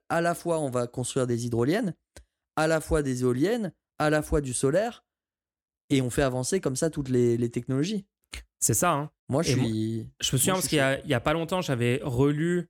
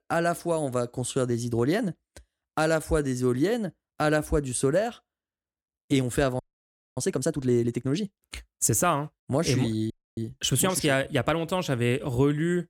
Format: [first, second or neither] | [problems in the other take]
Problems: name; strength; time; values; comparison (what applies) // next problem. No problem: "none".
first | audio freezing; at 6.5 s for 0.5 s and at 10 s